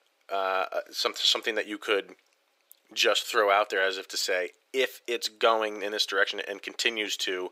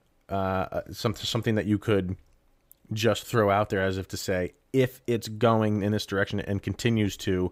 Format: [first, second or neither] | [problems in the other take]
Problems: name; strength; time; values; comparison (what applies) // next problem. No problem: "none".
second | thin; very; fading below 400 Hz